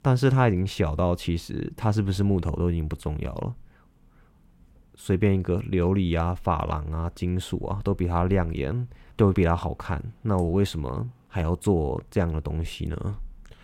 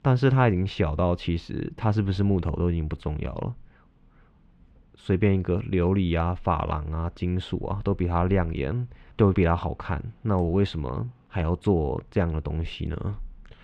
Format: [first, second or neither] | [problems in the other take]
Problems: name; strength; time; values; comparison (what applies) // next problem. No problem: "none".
first | muffled; very slightly; fading above 3 kHz